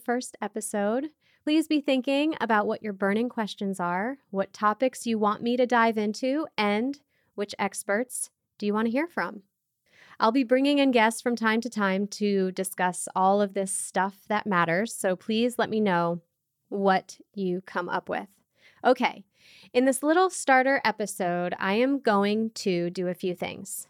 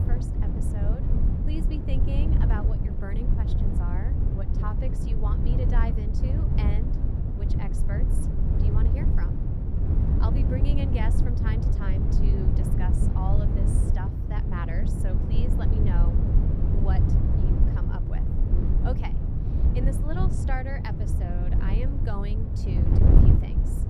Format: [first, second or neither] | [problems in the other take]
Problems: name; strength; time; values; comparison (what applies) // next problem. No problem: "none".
first | wind noise on the microphone; heavy; 1 dB above the speech